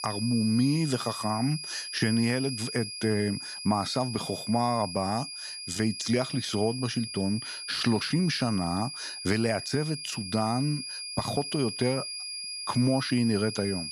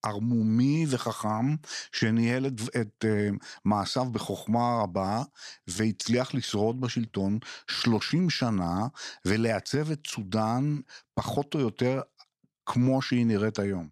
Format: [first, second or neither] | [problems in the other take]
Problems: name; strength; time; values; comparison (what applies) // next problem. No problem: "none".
second | high-pitched whine; loud; throughout; 5 kHz, 7 dB below the speech